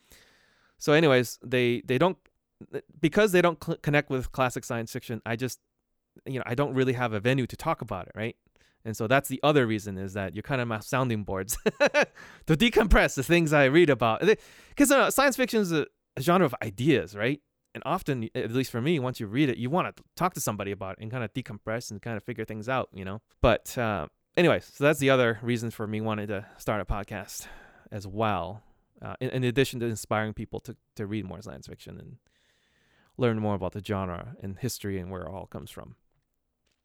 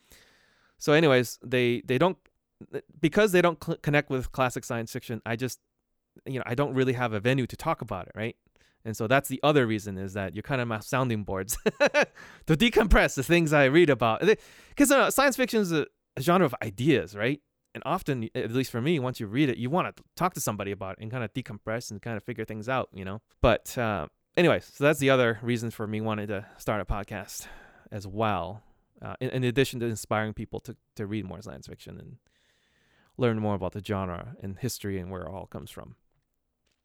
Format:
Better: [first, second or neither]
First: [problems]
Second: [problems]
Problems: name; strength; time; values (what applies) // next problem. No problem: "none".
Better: neither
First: none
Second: none